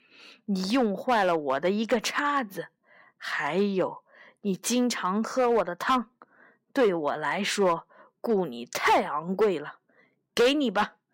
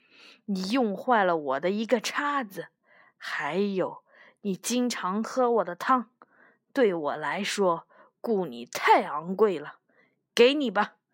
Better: second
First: distortion; slight; 3% of the sound clipped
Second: none

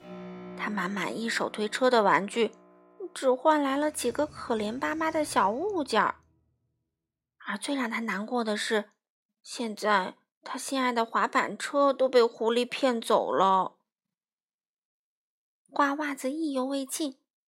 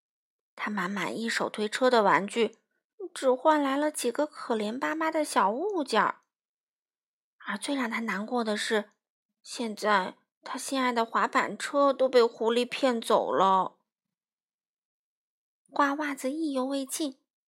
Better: second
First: background music; faint; until 5.5 s; 20 dB below the speech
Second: none

